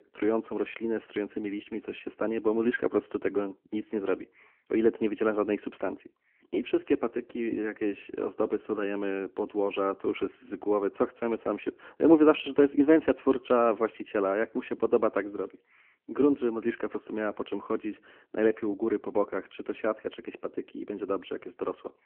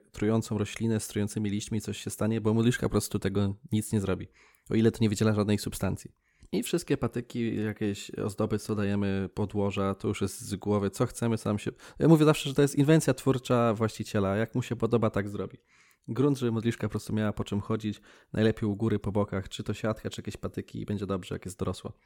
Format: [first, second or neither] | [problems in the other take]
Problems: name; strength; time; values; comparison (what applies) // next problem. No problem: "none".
second | phone-call audio; nothing above 3 kHz